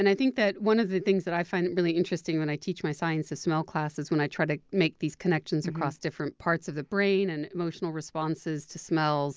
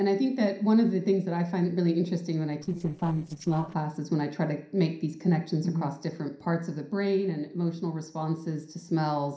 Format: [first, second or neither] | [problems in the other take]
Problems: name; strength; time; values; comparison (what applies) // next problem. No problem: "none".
first | noise reduction (neural separator model SepFormer DNS4)